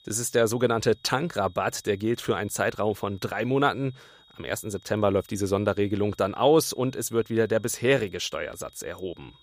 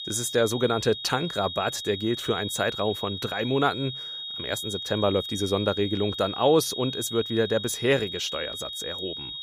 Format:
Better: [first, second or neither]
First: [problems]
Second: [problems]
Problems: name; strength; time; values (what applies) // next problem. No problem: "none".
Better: first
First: high-pitched whine; faint; throughout; 3.5 kHz, 30 dB below the speech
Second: high-pitched whine; loud; throughout; 3.5 kHz, 6 dB below the speech